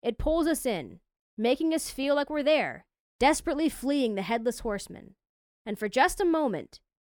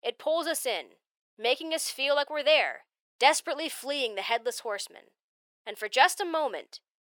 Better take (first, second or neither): first